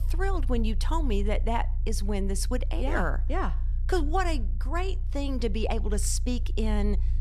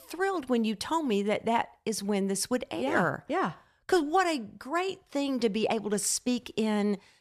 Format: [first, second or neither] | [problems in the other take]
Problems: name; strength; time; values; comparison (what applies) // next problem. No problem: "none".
second | low rumble; noticeable; throughout; 20 dB below the speech